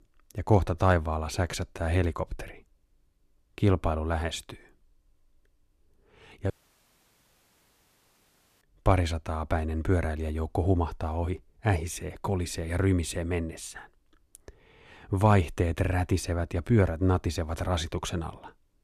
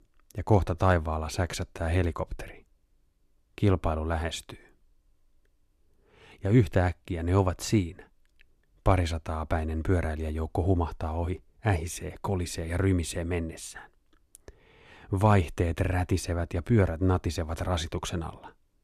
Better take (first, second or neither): second